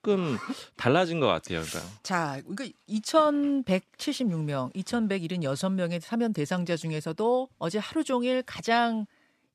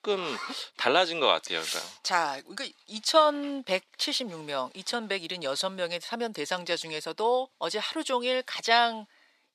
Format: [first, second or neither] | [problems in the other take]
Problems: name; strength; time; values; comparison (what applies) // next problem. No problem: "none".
first | thin; somewhat; fading below 450 Hz